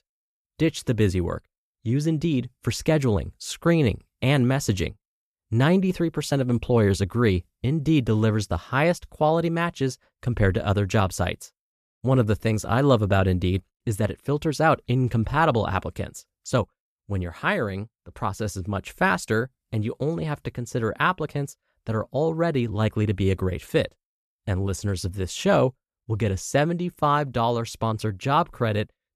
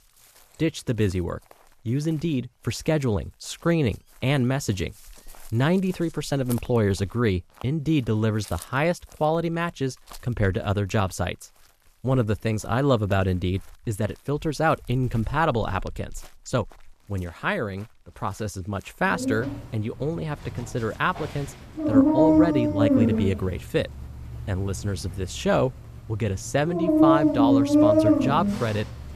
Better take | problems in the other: first | animal sounds; very loud; throughout; 4 dB above the speech

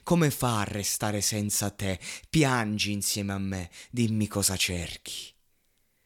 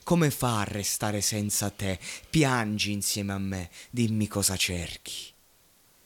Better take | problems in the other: first | hiss; faint; throughout; 30 dB below the speech

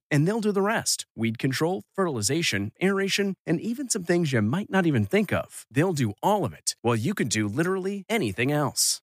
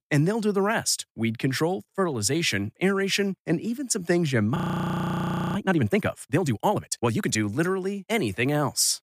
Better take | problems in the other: first | audio freezing; at 4.5 s for 1 s

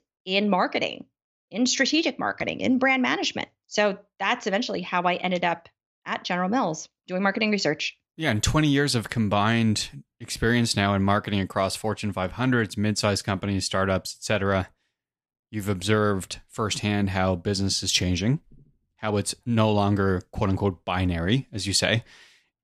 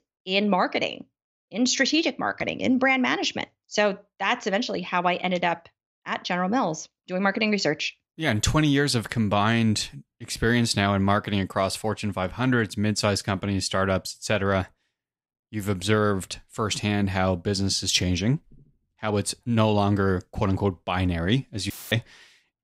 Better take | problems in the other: first | audio cutting out; filled with static; at 22 s

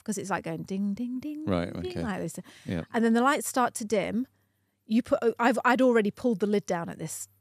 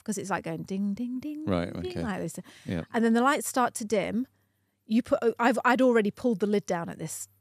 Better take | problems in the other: neither | none

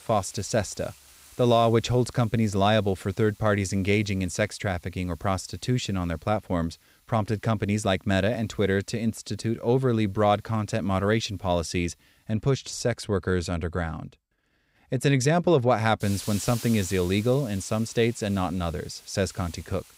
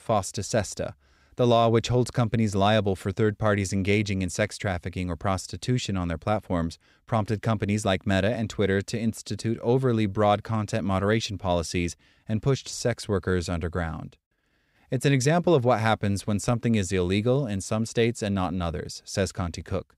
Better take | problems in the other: second | hiss; noticeable; throughout; 20 dB below the speech

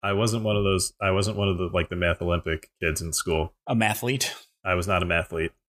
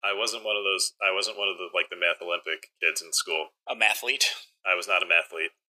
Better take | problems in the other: first | thin; very; fading below 450 Hz

